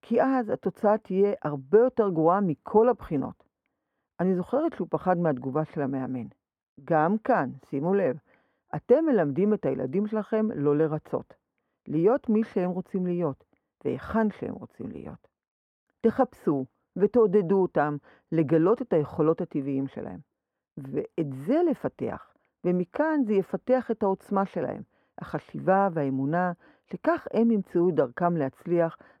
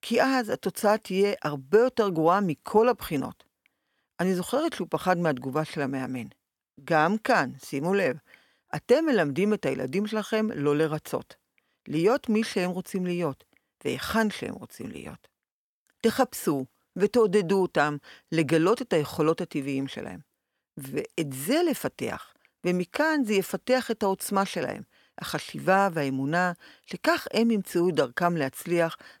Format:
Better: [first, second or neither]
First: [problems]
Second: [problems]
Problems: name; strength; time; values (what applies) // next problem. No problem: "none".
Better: second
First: muffled; very; fading above 2 kHz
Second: none